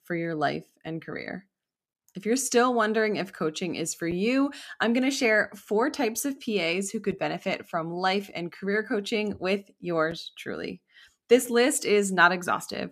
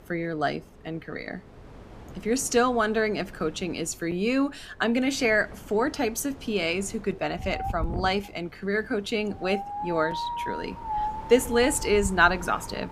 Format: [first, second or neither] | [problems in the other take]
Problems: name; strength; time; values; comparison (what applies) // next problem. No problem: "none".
first | wind in the background; noticeable; throughout; 10 dB below the speech